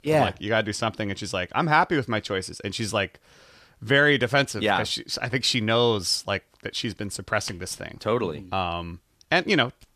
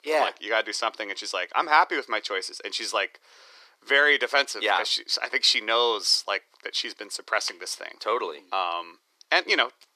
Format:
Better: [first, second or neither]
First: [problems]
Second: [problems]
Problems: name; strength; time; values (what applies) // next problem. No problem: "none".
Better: first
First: none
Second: thin; very; fading below 350 Hz